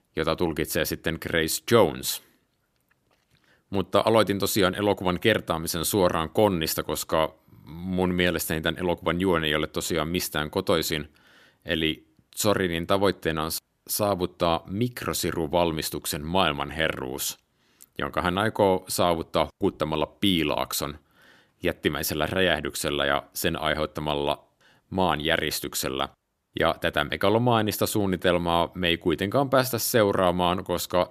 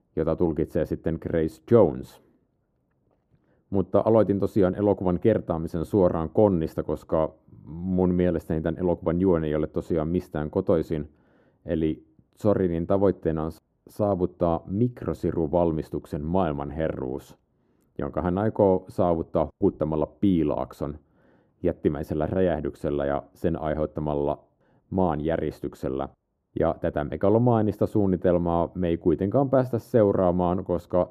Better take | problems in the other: first | muffled; very; fading above 1.5 kHz

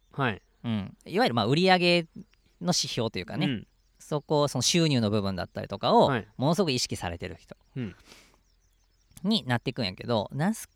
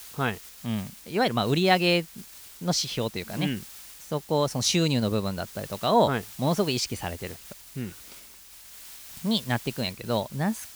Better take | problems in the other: first | hiss; noticeable; throughout; 15 dB below the speech

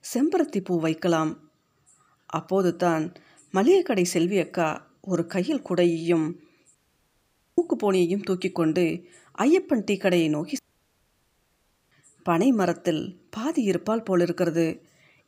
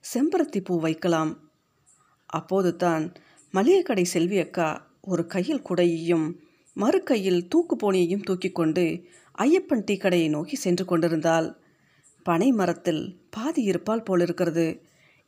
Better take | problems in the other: second | audio cutting out; at 7 s for 1 s and at 11 s for 1.5 s

